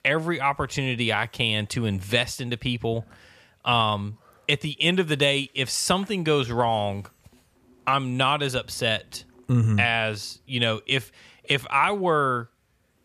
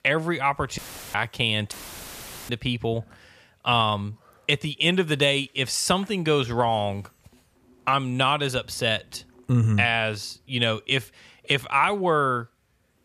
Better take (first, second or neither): first